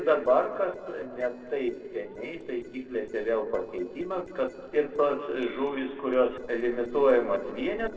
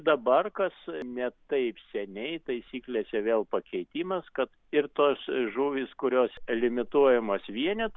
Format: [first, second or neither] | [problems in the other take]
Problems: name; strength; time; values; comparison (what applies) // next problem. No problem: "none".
second | noise reduction (neural separator model SepFormer DNS4)